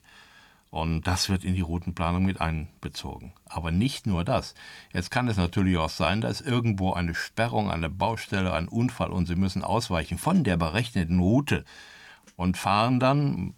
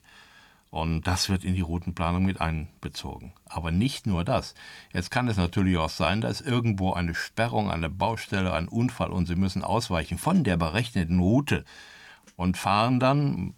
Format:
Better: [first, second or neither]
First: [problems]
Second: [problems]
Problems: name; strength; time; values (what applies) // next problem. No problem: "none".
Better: neither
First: none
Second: none